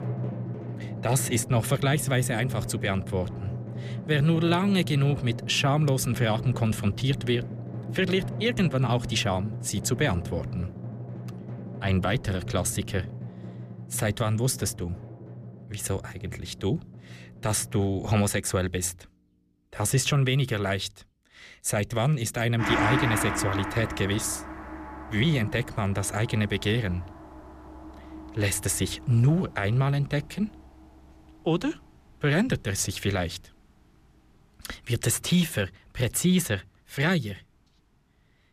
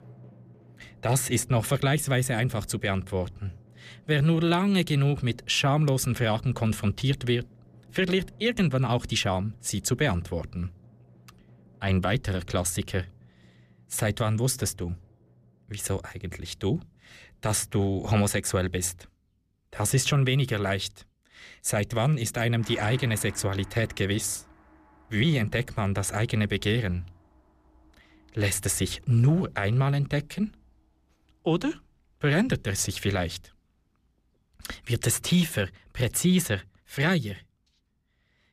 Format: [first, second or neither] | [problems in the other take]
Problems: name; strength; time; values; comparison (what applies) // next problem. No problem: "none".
second | background music; loud; throughout; 9 dB below the speech; faint in the second